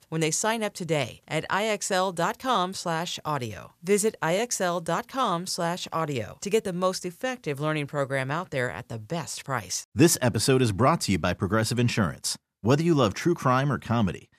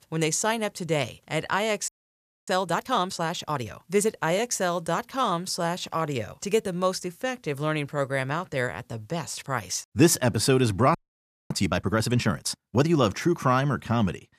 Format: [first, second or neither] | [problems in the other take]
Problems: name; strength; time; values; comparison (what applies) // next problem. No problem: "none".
first | audio freezing; at 2 s for 0.5 s and at 11 s for 0.5 s